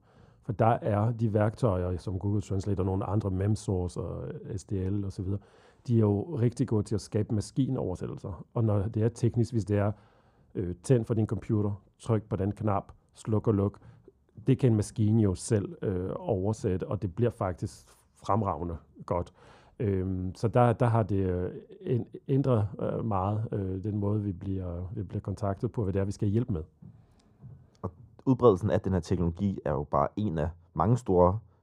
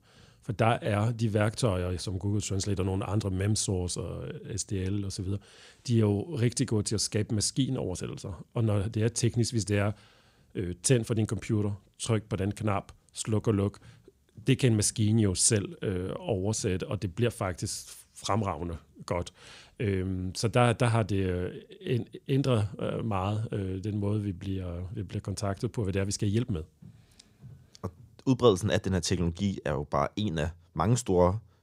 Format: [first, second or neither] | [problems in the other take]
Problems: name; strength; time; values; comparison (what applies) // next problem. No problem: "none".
second | muffled; very; fading above 1.5 kHz